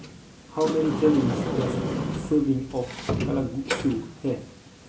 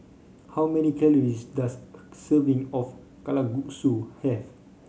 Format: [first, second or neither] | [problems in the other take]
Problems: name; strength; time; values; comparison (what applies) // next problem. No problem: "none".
second | background sound (Sliding door); 3 dB below the speech // room echo; dies away in 0.3 s